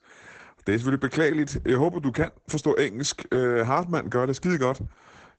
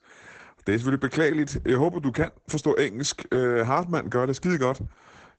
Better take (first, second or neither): neither